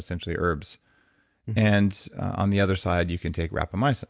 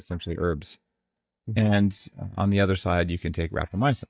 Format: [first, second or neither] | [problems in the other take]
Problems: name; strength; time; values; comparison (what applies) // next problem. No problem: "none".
first | noise reduction (neural mask model DeepFilterNet 3)